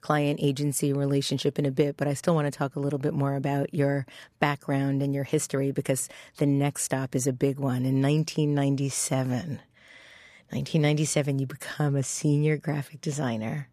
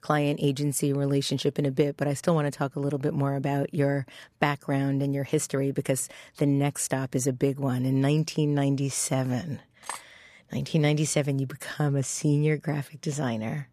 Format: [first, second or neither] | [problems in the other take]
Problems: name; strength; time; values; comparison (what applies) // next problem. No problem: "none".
first | clattering dishes; faint; at 10 s; peak 10 dB below the speech